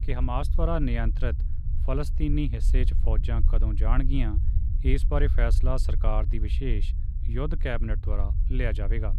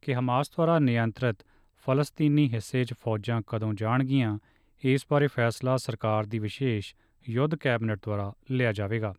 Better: second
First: low rumble; noticeable; throughout; 15 dB below the speech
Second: none

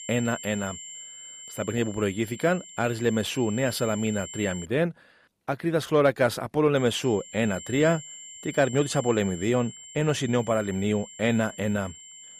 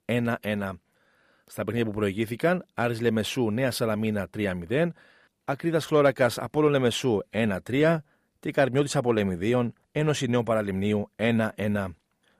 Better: second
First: high-pitched whine; noticeable; until 4.5 s and from 7 s on; 7.5 kHz, 15 dB below the speech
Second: none

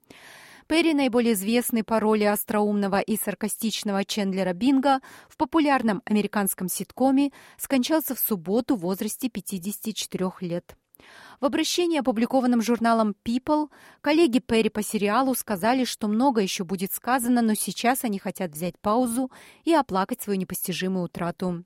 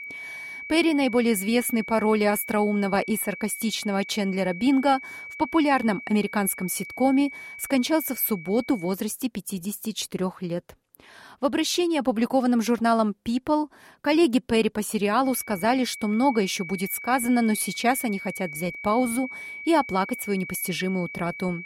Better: first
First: none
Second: high-pitched whine; noticeable; until 9 s and from 15 s on; 2.5 kHz, 10 dB below the speech

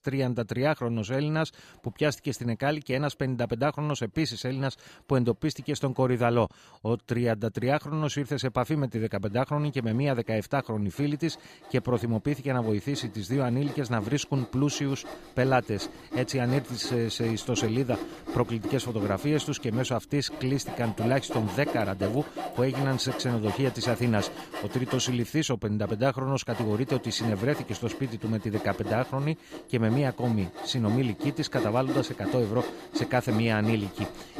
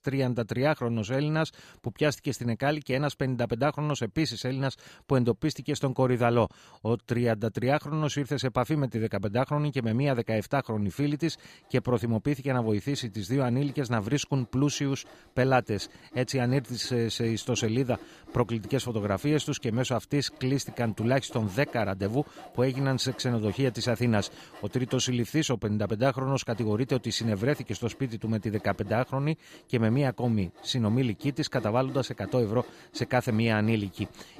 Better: second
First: machinery noise; loud; throughout; 10 dB below the speech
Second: machinery noise; faint; throughout; 20 dB below the speech

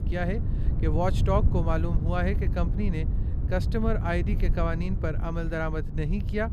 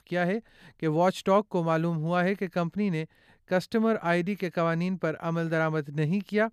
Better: second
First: wind noise on the microphone; occasional gusts; 10 dB below the speech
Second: none

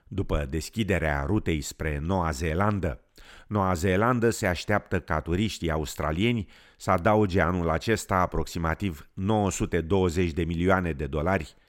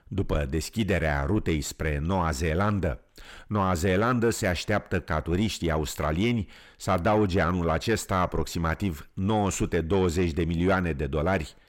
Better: first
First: none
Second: distortion; slight; 10 dB below the speech

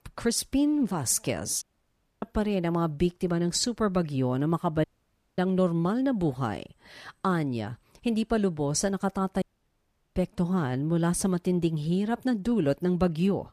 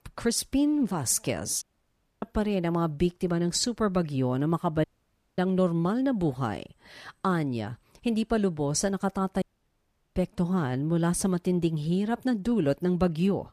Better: neither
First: audio cutting out; at 1.5 s for 0.5 s, at 5 s for 0.5 s and at 9.5 s for 0.5 s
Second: audio cutting out; at 1.5 s for 0.5 s, at 5 s for 0.5 s and at 9.5 s for 0.5 s

